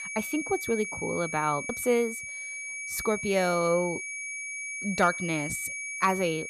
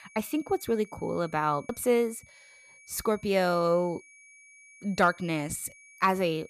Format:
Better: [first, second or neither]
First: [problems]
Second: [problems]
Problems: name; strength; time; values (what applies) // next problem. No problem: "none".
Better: second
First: high-pitched whine; loud; throughout; 2.5 kHz, 5 dB below the speech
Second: high-pitched whine; faint; throughout; 2.5 kHz, 25 dB below the speech